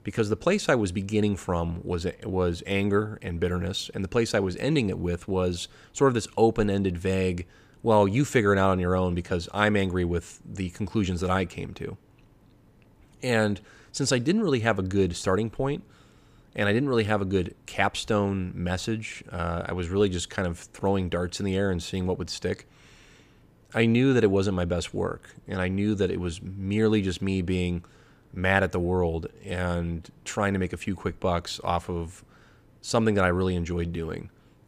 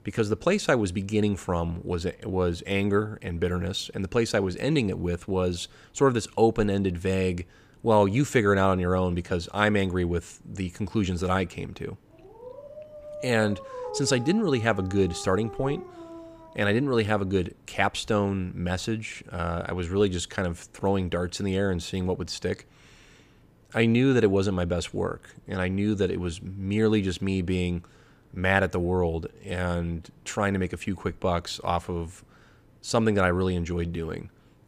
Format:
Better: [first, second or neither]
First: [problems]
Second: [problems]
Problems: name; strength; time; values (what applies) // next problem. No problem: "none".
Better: first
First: none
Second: dog barking; noticeable; from 12 to 17 s; peak 8 dB below the speech